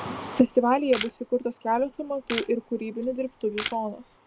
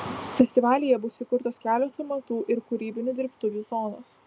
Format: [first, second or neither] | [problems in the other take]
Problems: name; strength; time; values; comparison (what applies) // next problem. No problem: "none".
second | background sound (Camera); 13 dB below the speech